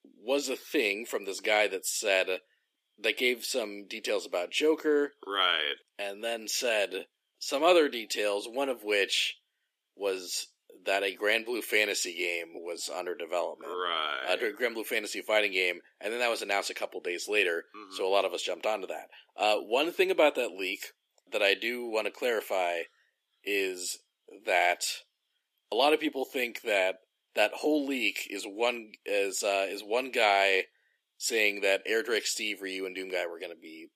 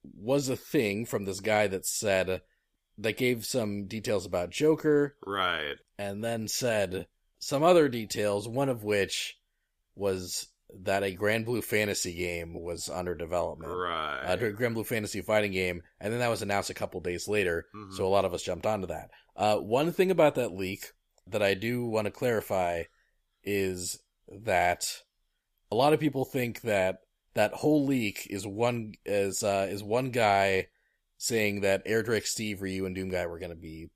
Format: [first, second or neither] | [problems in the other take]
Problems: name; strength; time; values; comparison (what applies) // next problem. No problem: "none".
second | thin; somewhat; fading below 300 Hz